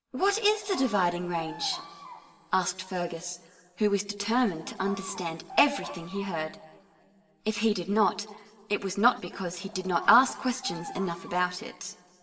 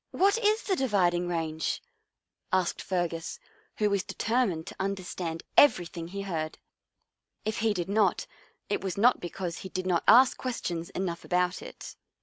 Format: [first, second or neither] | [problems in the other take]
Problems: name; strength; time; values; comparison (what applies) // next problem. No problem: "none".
second | background sound (Bird vocalization, bird call, bird song); 15 dB below the speech // room echo; dies away in 2.3 s